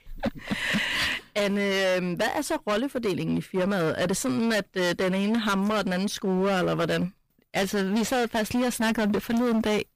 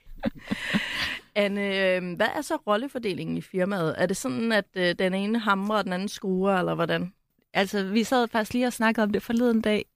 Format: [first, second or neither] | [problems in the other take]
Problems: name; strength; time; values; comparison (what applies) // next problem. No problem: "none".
second | distortion; heavy; 21% of the sound clipped